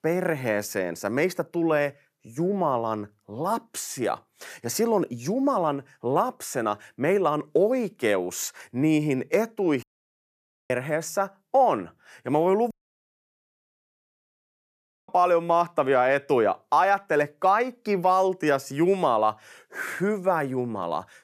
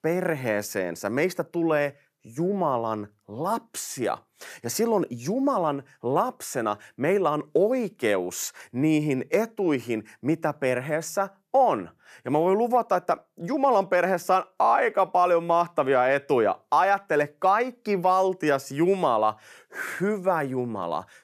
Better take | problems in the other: second | audio cutting out; at 10 s for 1 s and at 13 s for 2.5 s

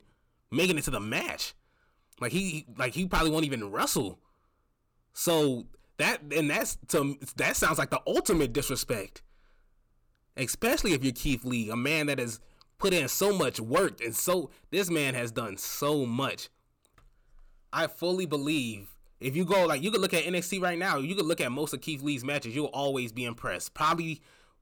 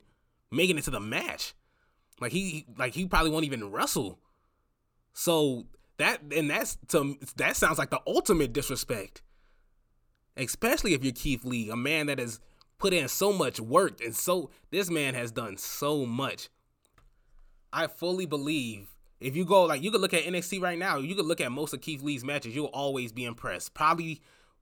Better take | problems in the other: second | distortion; slight; 3% of the sound clipped

